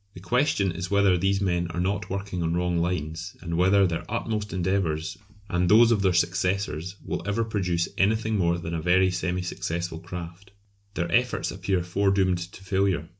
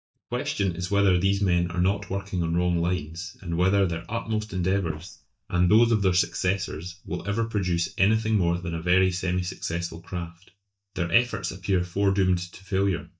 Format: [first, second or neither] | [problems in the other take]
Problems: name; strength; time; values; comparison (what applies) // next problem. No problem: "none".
first | noise reduction (neural mask model DeepFilterNet 3)